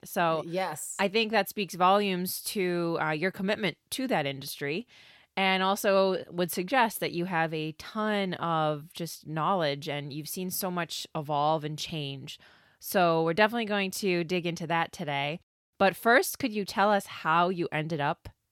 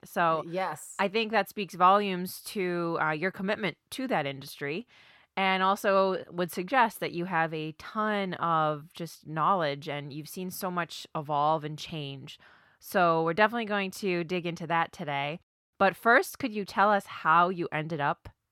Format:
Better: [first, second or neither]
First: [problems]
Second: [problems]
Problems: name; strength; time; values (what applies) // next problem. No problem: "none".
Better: first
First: none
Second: muffled; very slightly; fading above 3.5 kHz